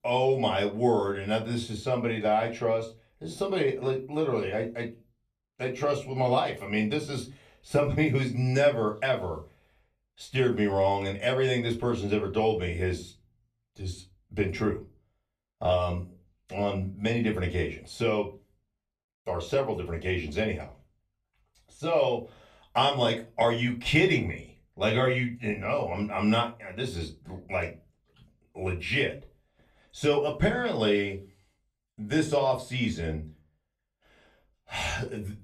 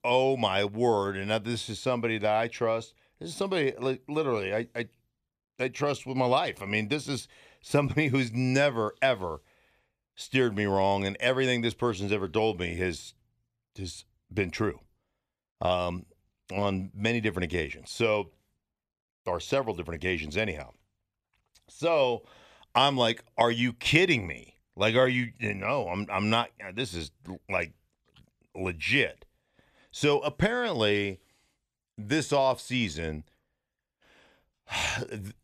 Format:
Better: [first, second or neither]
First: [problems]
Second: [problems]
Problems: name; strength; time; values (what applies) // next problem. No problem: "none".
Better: second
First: off-mic speech; far // room echo; very slight; dies away in 0.3 s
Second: none